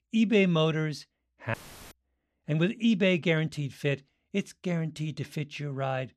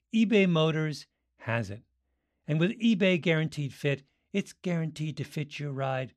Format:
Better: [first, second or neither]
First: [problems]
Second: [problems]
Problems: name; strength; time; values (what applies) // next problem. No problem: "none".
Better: second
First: audio cutting out; filled with static; at 1.5 s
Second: none